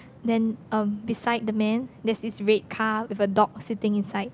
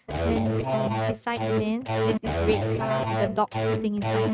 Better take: first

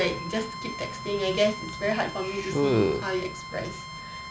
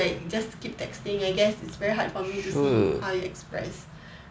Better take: second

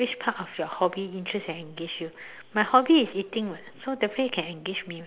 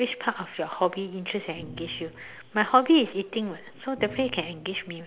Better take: first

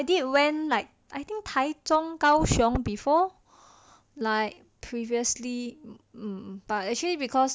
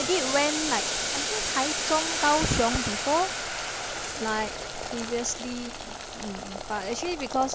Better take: first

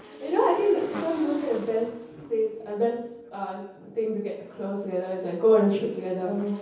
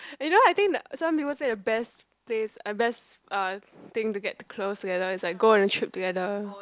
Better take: second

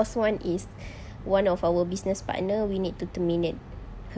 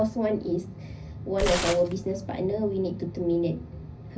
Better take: first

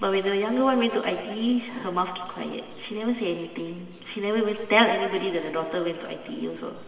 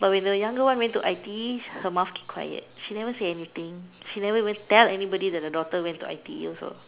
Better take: second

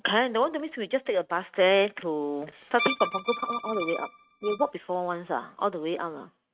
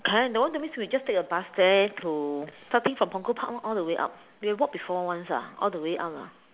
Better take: second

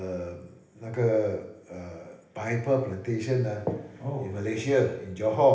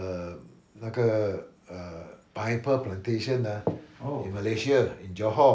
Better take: second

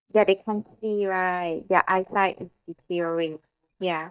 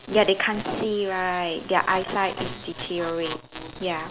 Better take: second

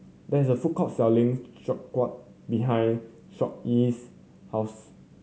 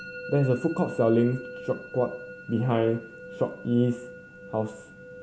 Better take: first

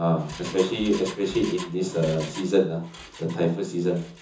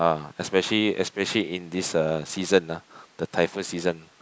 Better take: second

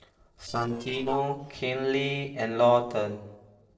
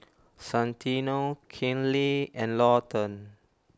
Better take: second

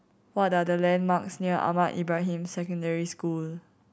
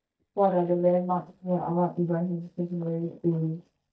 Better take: first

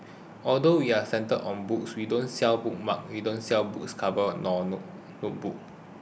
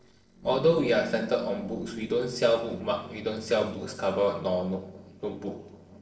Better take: first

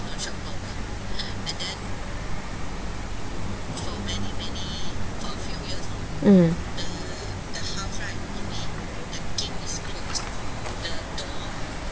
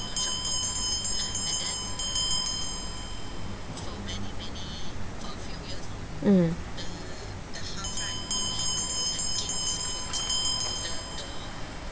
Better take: first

